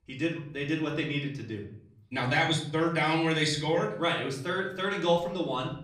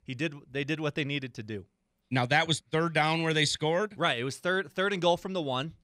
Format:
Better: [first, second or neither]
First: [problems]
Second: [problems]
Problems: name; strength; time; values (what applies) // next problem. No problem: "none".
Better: second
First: room echo; slight; dies away in 0.6 s // off-mic speech; far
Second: none